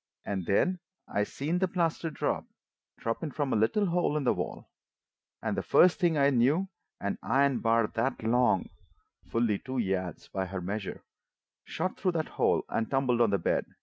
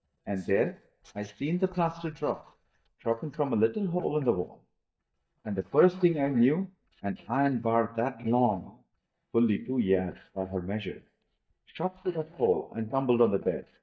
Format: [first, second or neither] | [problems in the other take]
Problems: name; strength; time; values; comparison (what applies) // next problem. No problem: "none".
first | noise reduction (neural mask model DeepFilterNet 3)